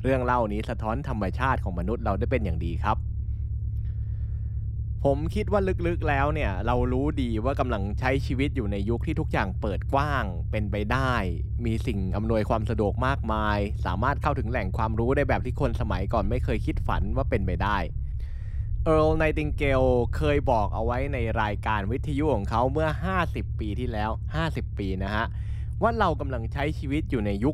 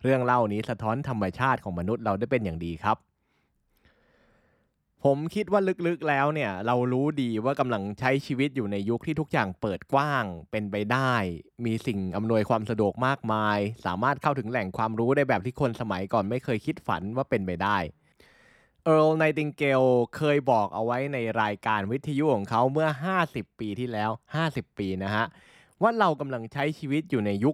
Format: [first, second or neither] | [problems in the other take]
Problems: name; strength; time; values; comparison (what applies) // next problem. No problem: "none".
second | low rumble; noticeable; throughout; 20 dB below the speech